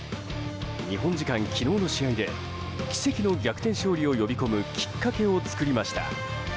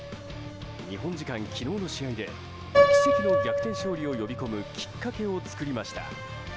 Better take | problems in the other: first | background sound (Piano); 4 dB above the speech

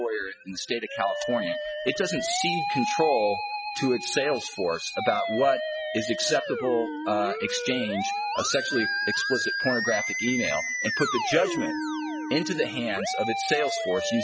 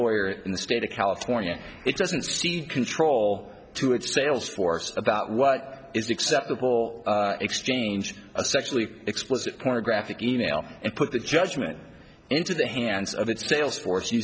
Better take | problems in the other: second | noise reduction (classical method spectral subtraction)

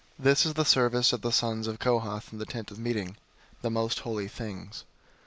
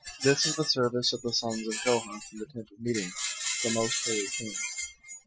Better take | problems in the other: first | noise reduction (classical method Wiener filter)

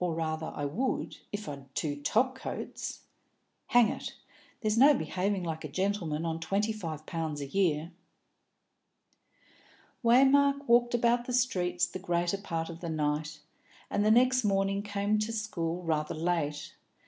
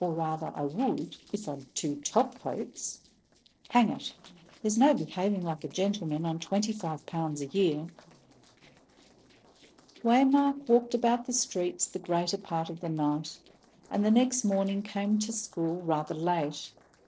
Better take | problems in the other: first | noise reduction (neural separator model SepFormer DNS4)

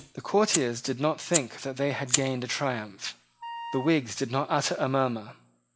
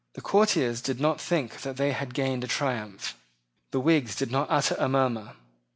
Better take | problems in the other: second | background sound (Fire + Wind instrument, woodwind instrument); 8 dB below the speech

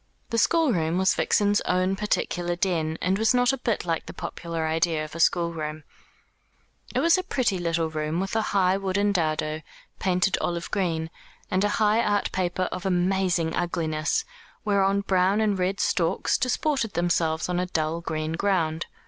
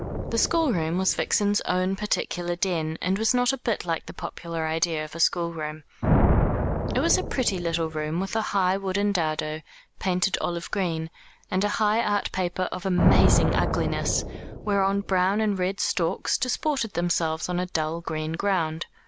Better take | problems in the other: first | background sound (Thunder); 4 dB below the speech

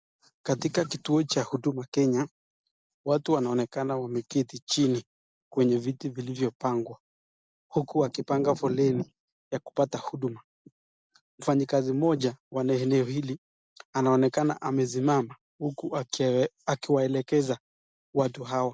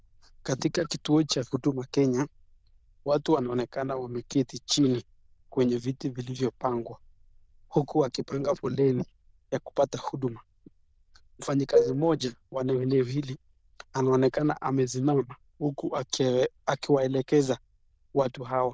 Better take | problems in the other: first | noise reduction (neural diffusion model UNIVERSE++)

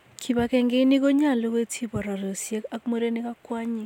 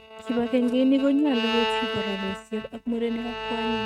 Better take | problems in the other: first | noise reduction (neural mask model RNNoise)

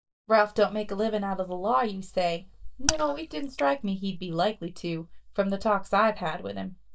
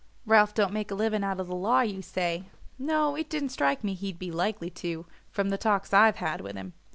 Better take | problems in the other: second | noise reduction (neural mask model DeepFilterNet 3)

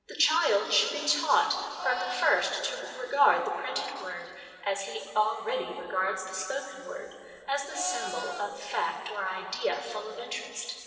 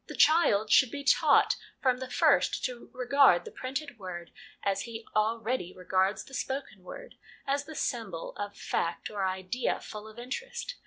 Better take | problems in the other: second | background sound (Livestock, farm animals, working animals); 9 dB below the speech // room echo; dies away in 2.5 s

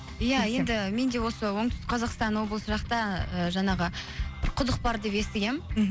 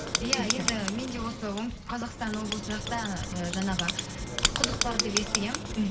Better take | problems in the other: first | background sound (Writing); as loud as the speech // room echo; dies away in 1.3 s

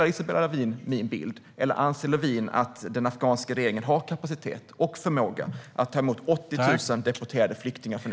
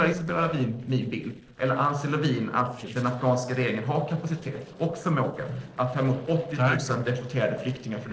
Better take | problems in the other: first | noise reduction (neural separator model SepFormer DNS4)

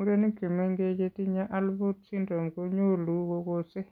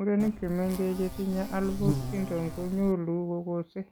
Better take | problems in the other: first | background sound (Insect); 6 dB below the speech

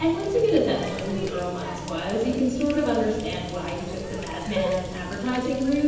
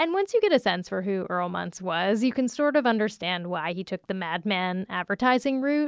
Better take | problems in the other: second | background sound (Water tap, faucet); 8 dB below the speech // room echo; dies away in 1.1 s

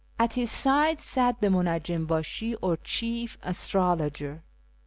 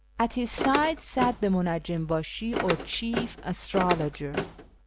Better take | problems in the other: first | background sound (Car); 5 dB below the speech

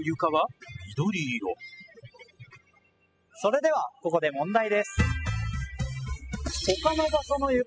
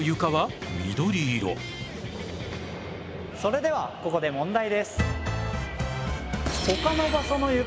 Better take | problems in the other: second | noise reduction (classical method spectral subtraction)

